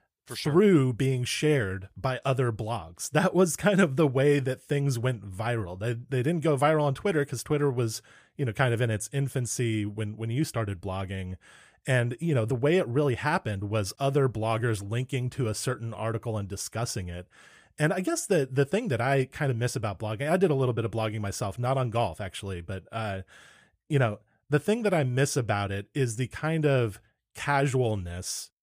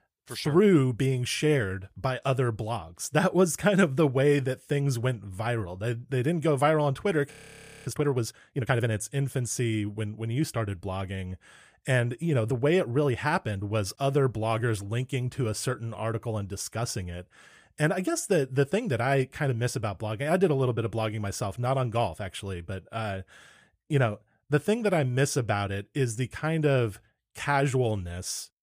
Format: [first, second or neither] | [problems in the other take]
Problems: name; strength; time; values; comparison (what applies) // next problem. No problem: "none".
first | audio freezing; at 7.5 s for 0.5 s